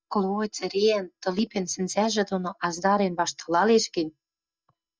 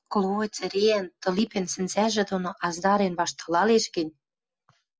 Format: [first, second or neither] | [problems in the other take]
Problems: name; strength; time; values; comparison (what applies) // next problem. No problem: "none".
second | noise reduction (neural mask model DeepFilterNet 3)